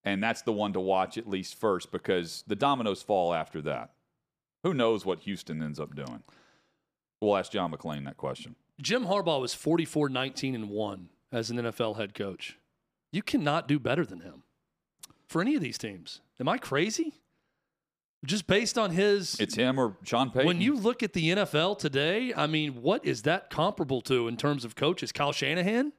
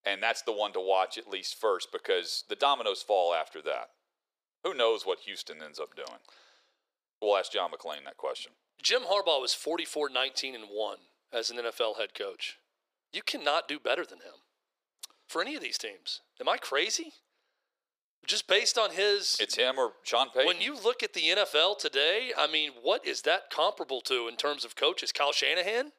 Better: first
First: none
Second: thin; very; fading below 450 Hz

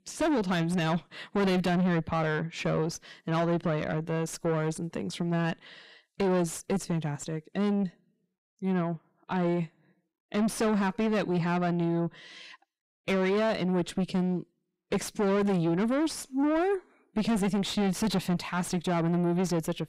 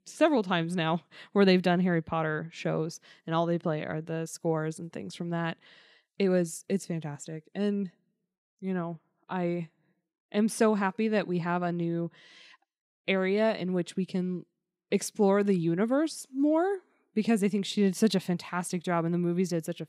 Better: second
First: distortion; heavy; 6 dB below the speech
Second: none

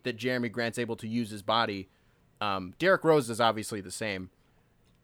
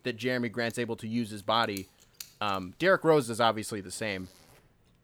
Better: first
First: none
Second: household noises; faint; throughout; 20 dB below the speech

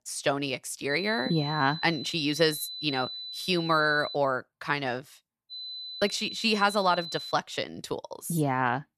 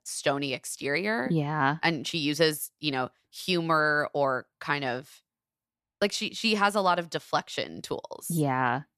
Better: second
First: high-pitched whine; loud; from 1 to 4 s and from 5.5 to 7.5 s; 4 kHz, 8 dB below the speech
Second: none

